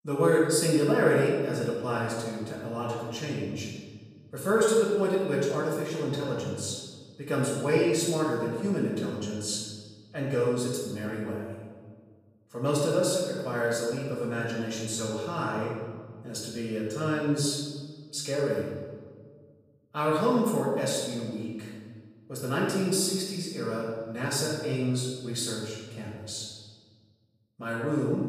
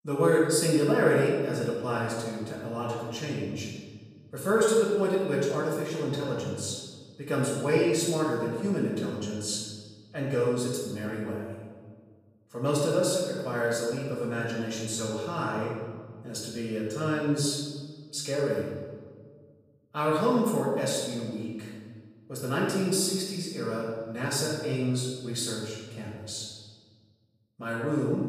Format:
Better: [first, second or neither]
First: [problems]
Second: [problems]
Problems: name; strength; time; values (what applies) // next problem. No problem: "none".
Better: neither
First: off-mic speech; far // room echo; noticeable; dies away in 1.4 s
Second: off-mic speech; far // room echo; noticeable; dies away in 1.4 s